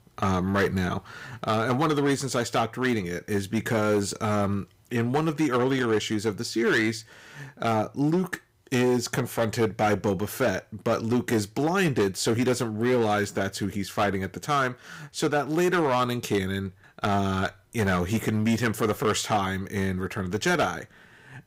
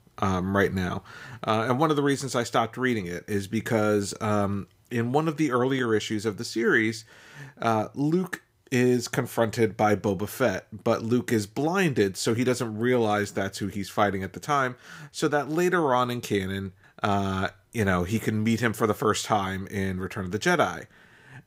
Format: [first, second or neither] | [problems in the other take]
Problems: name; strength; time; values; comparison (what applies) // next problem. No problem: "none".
second | distortion; slight; 7% of the sound clipped